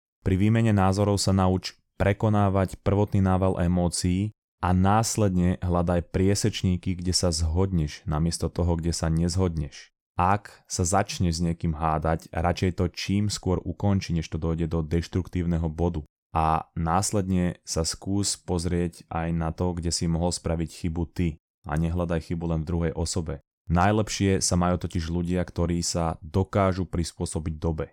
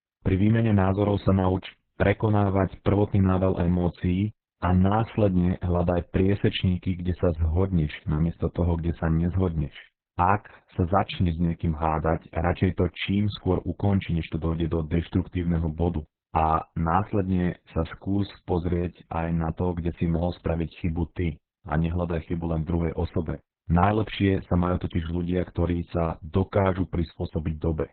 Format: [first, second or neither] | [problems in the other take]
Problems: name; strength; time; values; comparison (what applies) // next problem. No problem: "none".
first | garbled, watery; badly; nothing above 4 kHz